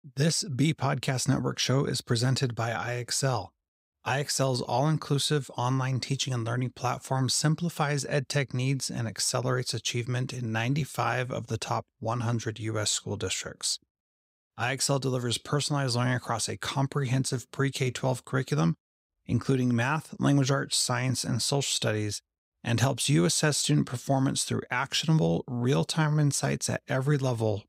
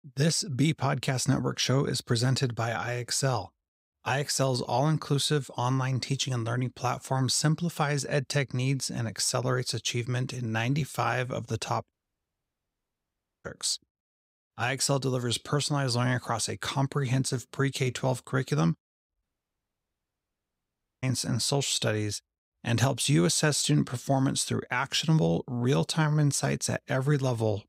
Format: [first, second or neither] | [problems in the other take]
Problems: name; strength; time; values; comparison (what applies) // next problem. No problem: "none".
first | audio cutting out; at 12 s for 1.5 s and at 19 s for 2 s